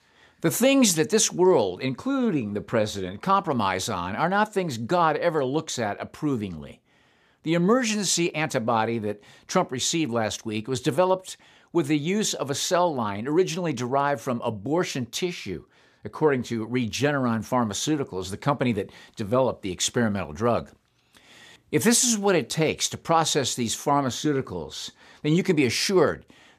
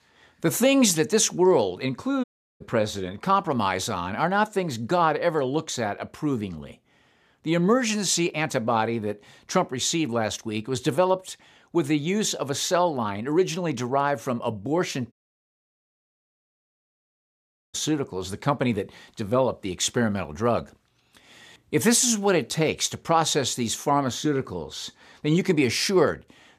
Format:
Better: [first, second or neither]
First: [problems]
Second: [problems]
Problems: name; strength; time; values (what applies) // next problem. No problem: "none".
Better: first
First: none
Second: audio cutting out; at 2 s and at 15 s for 2.5 s